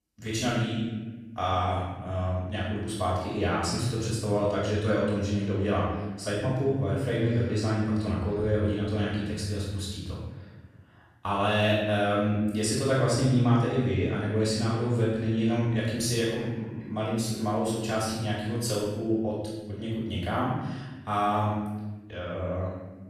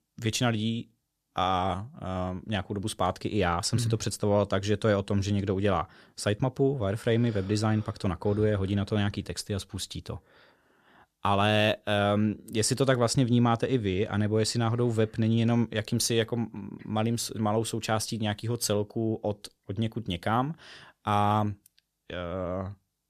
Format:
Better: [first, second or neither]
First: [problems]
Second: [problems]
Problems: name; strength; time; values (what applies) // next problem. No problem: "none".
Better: second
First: off-mic speech; far // room echo; strong; dies away in 1.2 s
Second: none